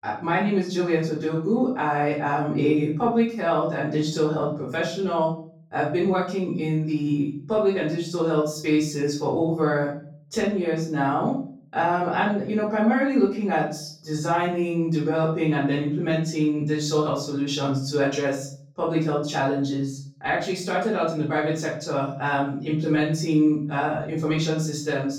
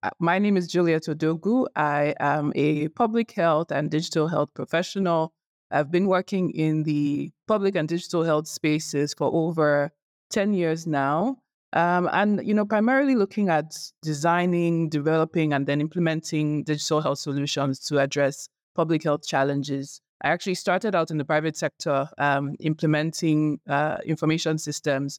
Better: second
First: off-mic speech; far // room echo; noticeable; dies away in 0.4 s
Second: none

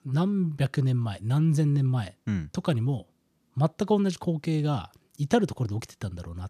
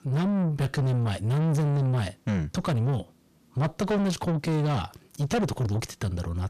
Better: first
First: none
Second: distortion; heavy; 6 dB below the speech

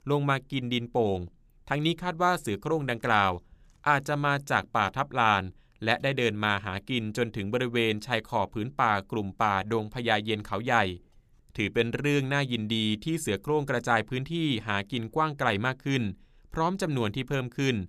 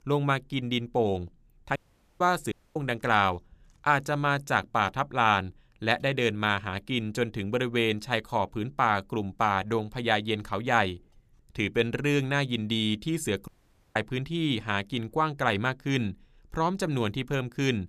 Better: first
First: none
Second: audio cutting out; at 2 s, at 2.5 s and at 13 s

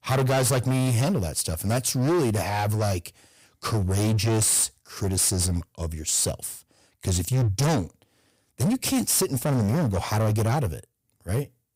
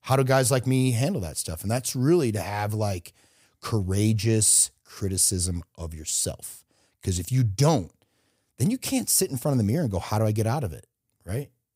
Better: second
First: distortion; heavy; 18% of the sound clipped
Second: none

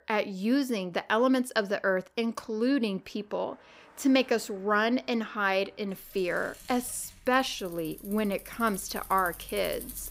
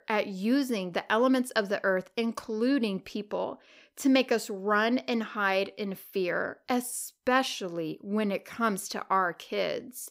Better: second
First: traffic noise; noticeable; throughout; 15 dB below the speech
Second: none

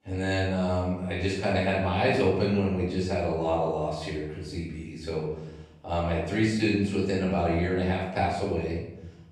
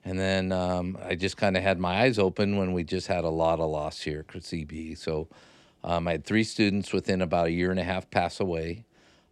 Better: second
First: off-mic speech; far // room echo; noticeable; dies away in 0.9 s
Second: none

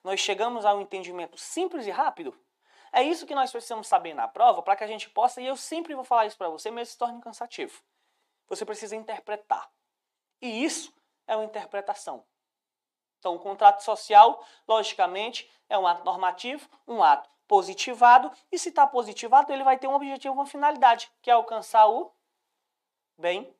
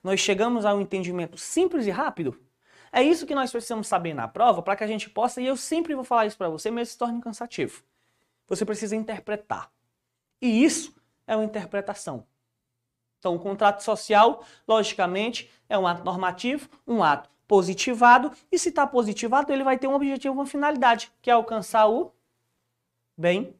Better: second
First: thin; somewhat; fading below 350 Hz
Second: none

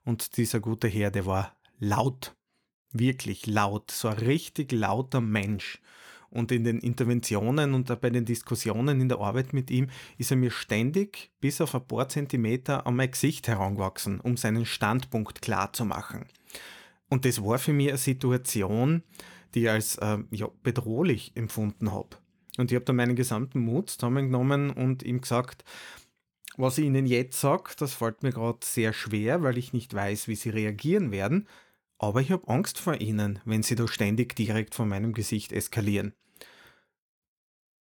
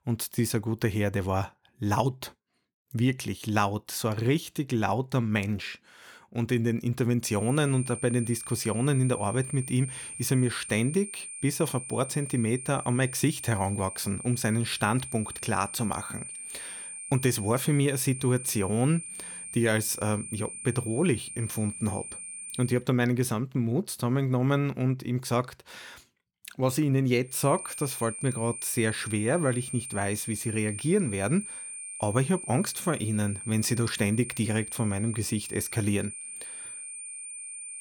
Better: first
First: none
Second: high-pitched whine; loud; from 7.5 to 23 s and from 27 s on; 9 kHz, 9 dB below the speech

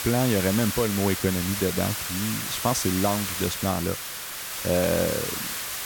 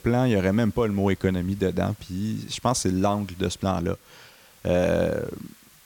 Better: second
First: hiss; loud; throughout; 3 dB below the speech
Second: hiss; faint; throughout; 25 dB below the speech

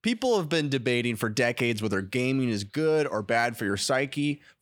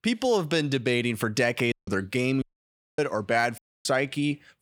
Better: first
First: none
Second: audio cutting out; at 1.5 s, at 2.5 s for 0.5 s and at 3.5 s

